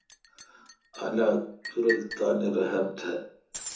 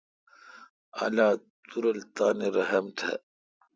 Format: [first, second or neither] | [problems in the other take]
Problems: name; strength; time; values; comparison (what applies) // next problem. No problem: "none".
second | background sound (Liquid); 12 dB below the speech // room echo; dies away in 0.6 s